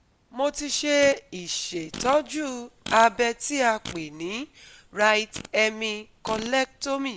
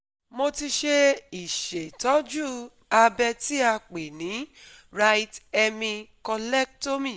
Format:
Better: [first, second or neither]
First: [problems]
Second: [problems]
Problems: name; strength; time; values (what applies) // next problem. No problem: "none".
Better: second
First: background sound (Fart); 18 dB below the speech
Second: none